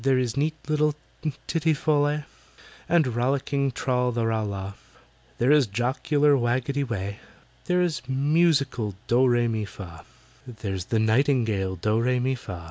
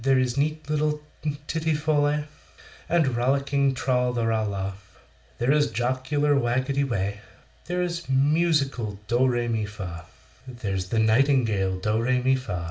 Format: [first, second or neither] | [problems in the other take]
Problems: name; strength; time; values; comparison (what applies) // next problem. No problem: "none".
first | room echo; dies away in 0.4 s